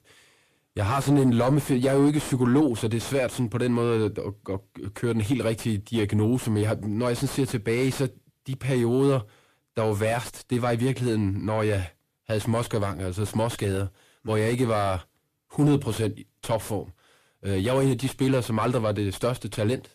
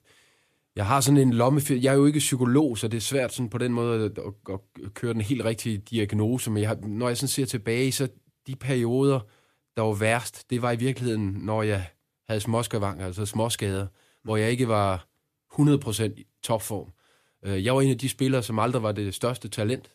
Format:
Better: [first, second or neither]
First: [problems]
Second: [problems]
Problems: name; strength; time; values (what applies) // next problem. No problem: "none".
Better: second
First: distortion; slight; 9 dB below the speech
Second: none